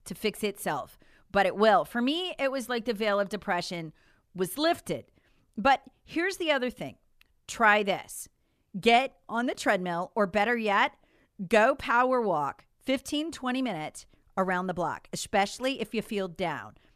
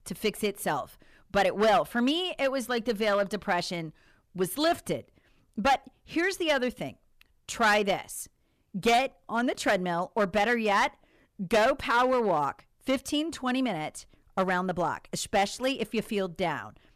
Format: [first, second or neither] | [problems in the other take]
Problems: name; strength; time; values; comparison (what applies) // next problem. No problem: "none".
first | distortion; slight; 4% of the sound clipped